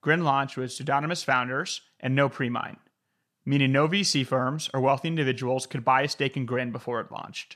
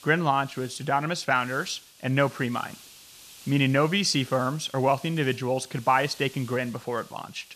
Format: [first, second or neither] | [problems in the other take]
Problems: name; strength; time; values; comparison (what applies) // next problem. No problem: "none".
first | hiss; faint; throughout; 20 dB below the speech